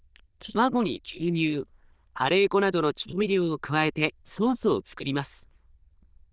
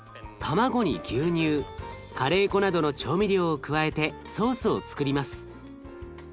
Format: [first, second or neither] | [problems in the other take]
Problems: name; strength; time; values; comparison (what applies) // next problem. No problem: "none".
second | noise reduction (neural diffusion model UNIVERSE++)